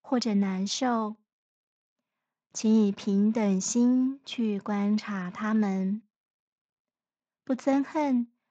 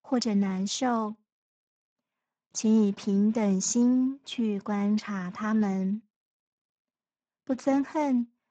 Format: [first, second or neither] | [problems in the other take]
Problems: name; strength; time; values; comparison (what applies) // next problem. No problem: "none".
first | garbled, watery; badly; slightly in the first